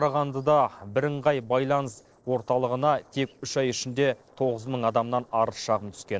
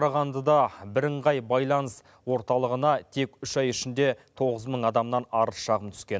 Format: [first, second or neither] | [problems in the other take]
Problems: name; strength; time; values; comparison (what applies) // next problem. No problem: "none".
second | noise reduction (neural separator model SepFormer DNS4)